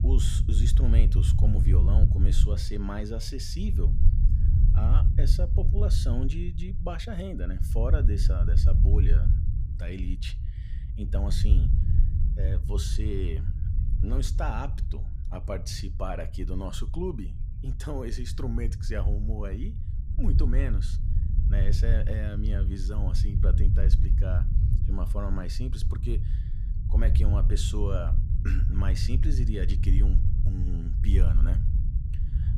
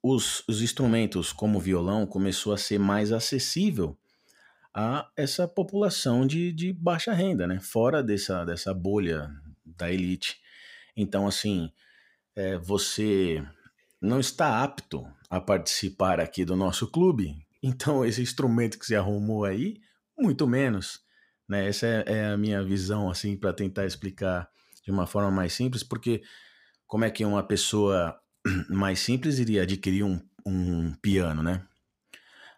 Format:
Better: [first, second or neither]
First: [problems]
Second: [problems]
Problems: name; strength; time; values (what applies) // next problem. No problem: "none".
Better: second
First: low rumble; loud; throughout; 5 dB below the speech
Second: none